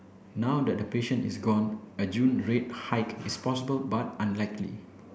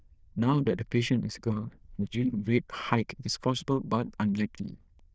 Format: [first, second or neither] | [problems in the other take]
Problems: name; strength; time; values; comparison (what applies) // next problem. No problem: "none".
first | noise reduction (neural diffusion model UNIVERSE++)